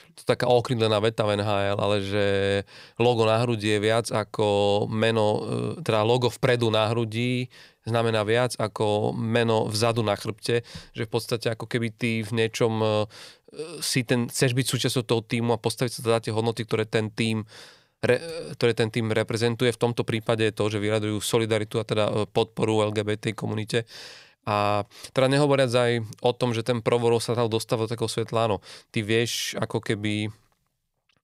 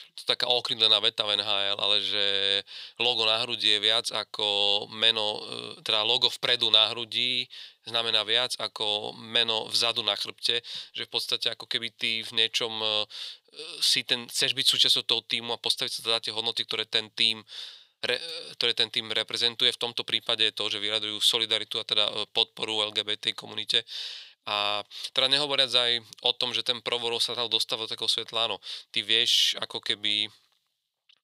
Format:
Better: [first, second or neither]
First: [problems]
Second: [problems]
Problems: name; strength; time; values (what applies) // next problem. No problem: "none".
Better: first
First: none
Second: thin; somewhat; fading below 1 kHz